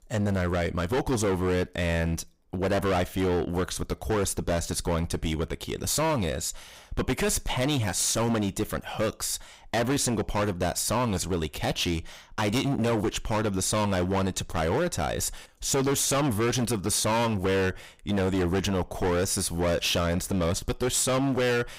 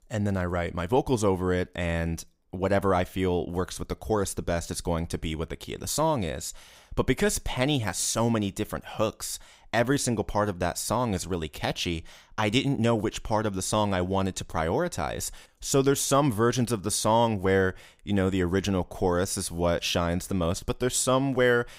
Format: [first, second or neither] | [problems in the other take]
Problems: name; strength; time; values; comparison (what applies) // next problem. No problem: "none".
second | distortion; heavy; 20% of the sound clipped